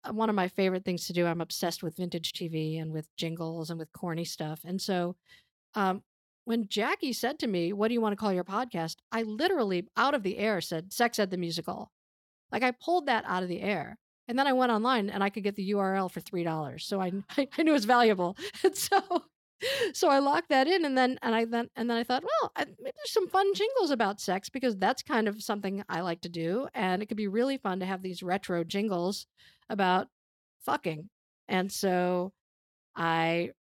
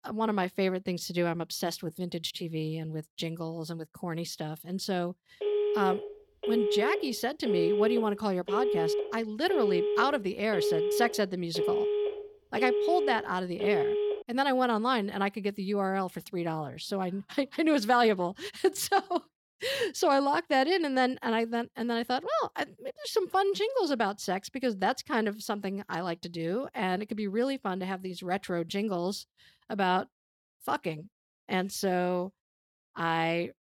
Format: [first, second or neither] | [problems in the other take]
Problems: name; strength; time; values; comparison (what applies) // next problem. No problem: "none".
first | phone ringing; loud; from 5.5 to 14 s; peak 2 dB above the speech